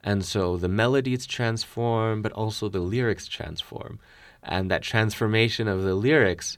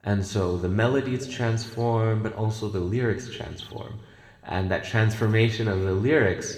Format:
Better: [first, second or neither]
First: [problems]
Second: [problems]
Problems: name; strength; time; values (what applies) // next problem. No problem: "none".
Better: first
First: none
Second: room echo; slight; dies away in 1.6 s